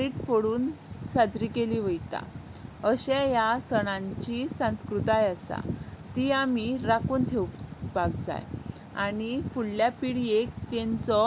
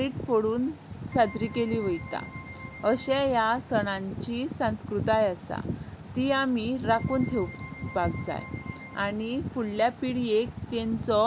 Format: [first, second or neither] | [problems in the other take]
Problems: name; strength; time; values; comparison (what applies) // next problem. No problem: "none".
first | background sound (Keyboard (musical)); 18 dB below the speech